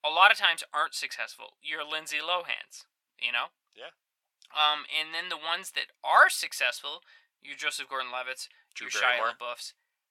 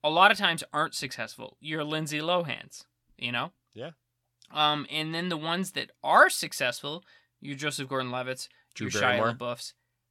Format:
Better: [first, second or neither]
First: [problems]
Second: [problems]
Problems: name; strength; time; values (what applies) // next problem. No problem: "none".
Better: second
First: thin; very; fading below 850 Hz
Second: none